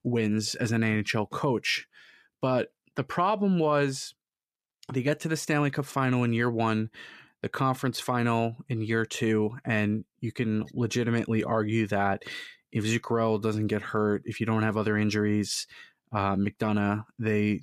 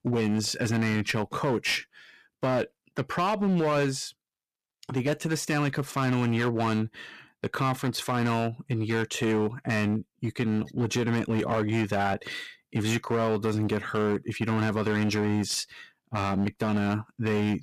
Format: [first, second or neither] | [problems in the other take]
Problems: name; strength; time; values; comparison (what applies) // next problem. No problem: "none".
first | distortion; slight; 13% of the sound clipped